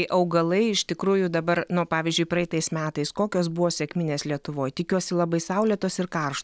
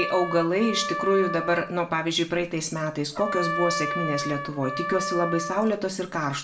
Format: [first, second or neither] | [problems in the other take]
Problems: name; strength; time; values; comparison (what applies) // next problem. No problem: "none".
first | background sound (Trumpet); 6 dB below the speech // room echo; dies away in 0.3 s